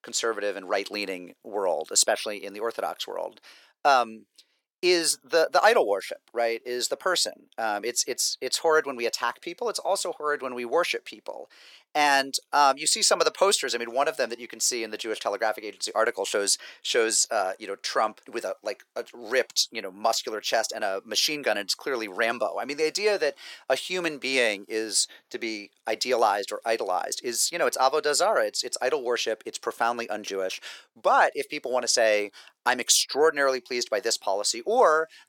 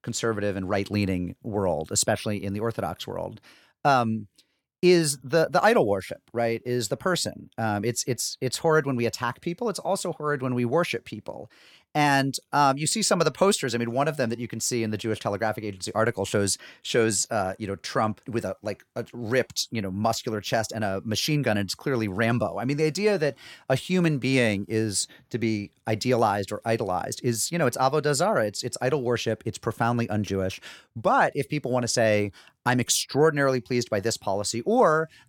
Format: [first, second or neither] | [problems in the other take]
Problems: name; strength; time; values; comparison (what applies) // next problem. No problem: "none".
second | thin; very; fading below 400 Hz